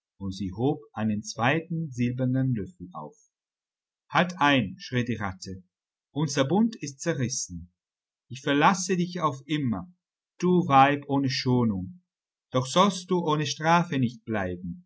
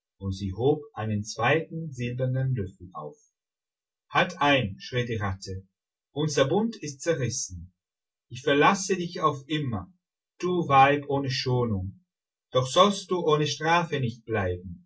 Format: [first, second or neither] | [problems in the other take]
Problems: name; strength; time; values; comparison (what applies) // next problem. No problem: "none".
first | room echo; dies away in 0.1 s